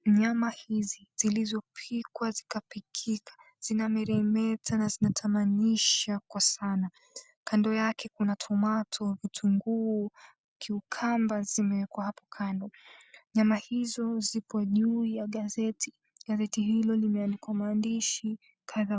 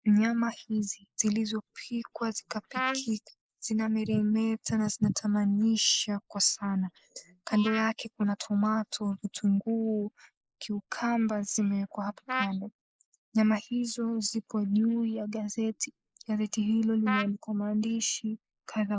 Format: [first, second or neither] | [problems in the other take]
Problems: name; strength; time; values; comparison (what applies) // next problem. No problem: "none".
first | noise reduction (neural mask model Resemble Enhance denoiser)